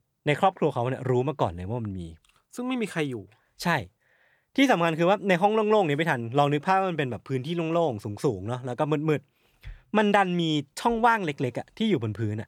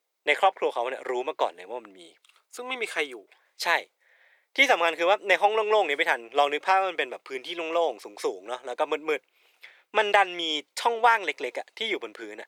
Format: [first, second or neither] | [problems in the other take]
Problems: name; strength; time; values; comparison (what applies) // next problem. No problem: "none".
first | thin; very; fading below 450 Hz